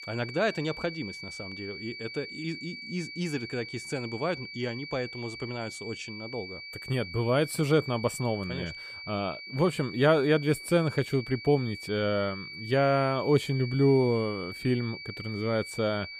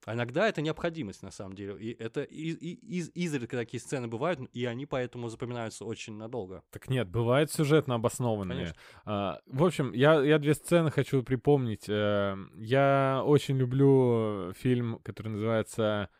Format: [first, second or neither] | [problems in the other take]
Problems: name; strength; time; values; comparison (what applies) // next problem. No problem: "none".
second | high-pitched whine; noticeable; throughout; 2.5 kHz, 10 dB below the speech